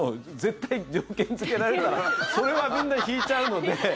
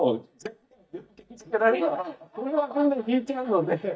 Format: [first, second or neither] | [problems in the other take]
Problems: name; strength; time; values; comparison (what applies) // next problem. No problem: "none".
first | noise reduction (neural mask model DeepFilterNet 3)